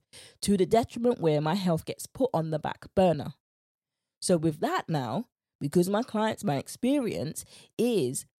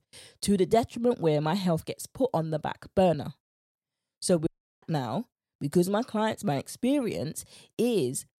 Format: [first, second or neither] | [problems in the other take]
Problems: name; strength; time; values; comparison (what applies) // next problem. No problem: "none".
first | audio cutting out; at 4.5 s